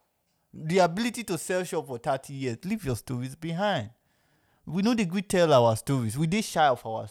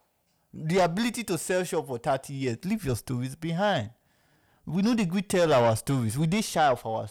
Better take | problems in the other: first | distortion; slight; 10 dB below the speech

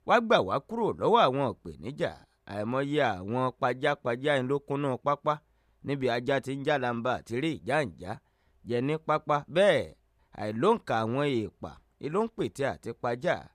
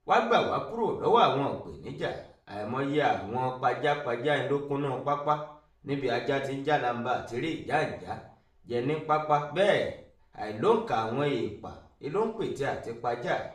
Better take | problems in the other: first | room echo; noticeable; dies away in 0.5 s // off-mic speech; far

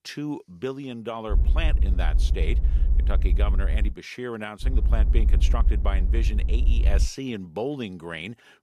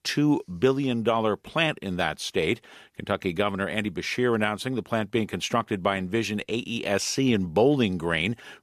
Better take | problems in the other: second | low rumble; noticeable; from 1.5 to 4 s and from 4.5 to 7 s; 10 dB below the speech

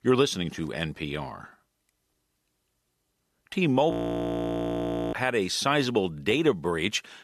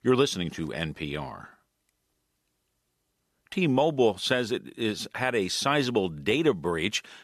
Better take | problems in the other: second | audio freezing; at 4 s for 1 s

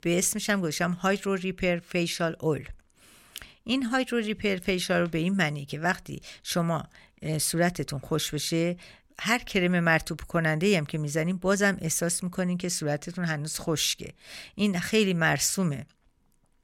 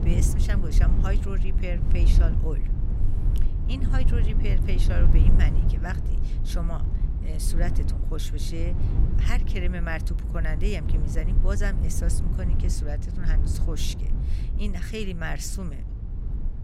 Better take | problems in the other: first | low rumble; loud; throughout; 5 dB below the speech

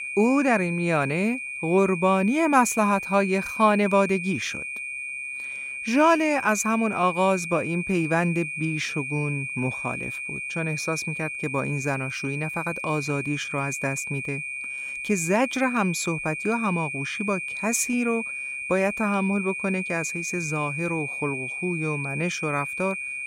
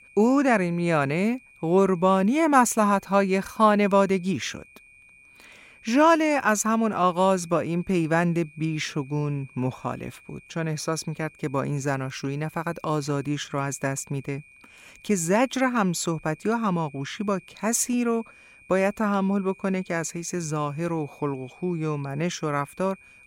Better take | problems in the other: second | high-pitched whine; loud; throughout; 2.5 kHz, 5 dB below the speech; faint in the second

